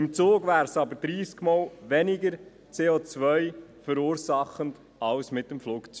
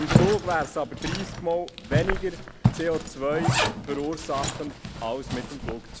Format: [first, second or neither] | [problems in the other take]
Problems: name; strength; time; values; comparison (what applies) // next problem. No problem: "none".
first | background sound (Zipper (clothing)); 1 dB above the speech